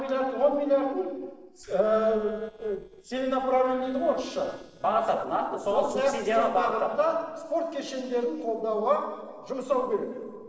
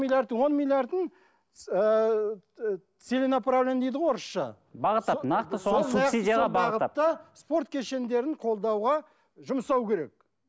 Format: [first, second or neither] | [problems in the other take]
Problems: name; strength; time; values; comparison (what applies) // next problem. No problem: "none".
second | noise reduction (neural separator model SepFormer DNS4)